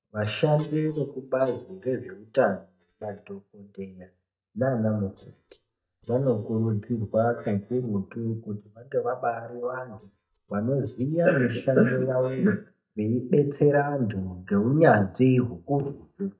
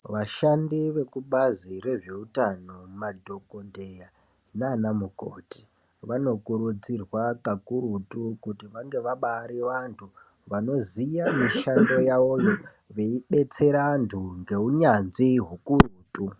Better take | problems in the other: second | noise reduction (neural mask model DeepFilterNet 3)

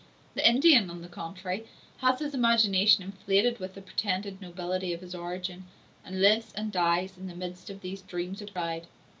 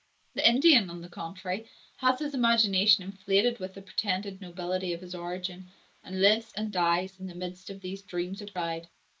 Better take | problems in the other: first | noise reduction (neural mask model Resemble Enhance denoiser)

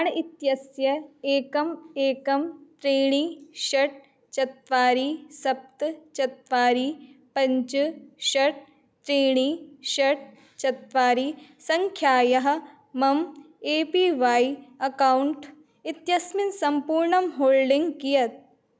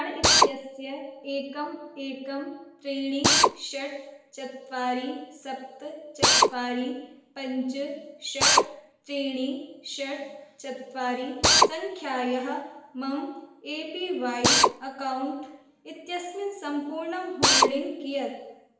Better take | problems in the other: first | background sound (Drill); 4 dB above the speech // room echo; dies away in 0.9 s

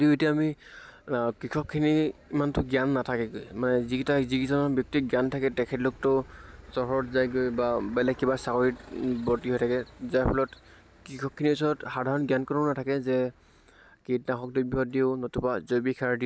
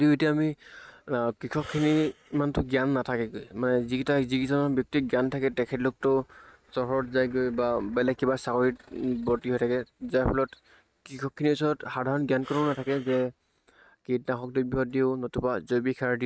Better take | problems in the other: first | noise reduction (neural mask model RNNoise)

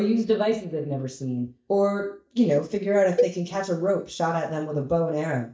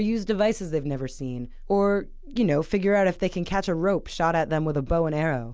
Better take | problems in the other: second | noise reduction (neural mask model DeepFilterNet 3)

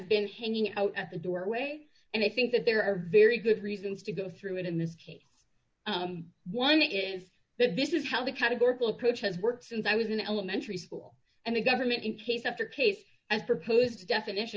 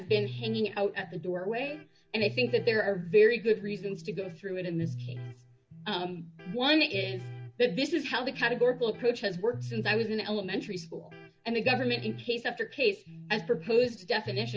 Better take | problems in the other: first | background sound (Electric guitar); 14 dB below the speech

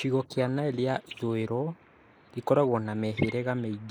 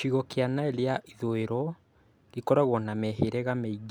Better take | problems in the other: second | noise reduction (neural mask model Resemble Enhance denoiser)

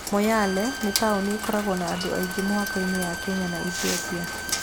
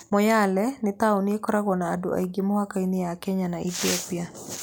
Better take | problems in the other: second | background sound (Rain + Bowed string instrument); 5 dB below the speech

